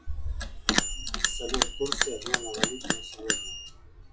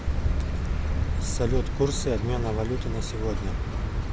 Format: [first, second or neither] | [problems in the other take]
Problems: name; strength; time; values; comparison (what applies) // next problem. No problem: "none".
second | noise reduction (classical method WPE with log-MMSE)